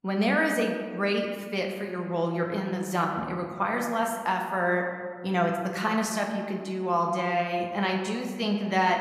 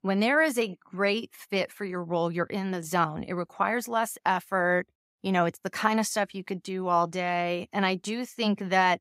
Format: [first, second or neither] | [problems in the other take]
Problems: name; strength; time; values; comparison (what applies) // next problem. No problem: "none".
second | room echo; slight; dies away in 1.4 s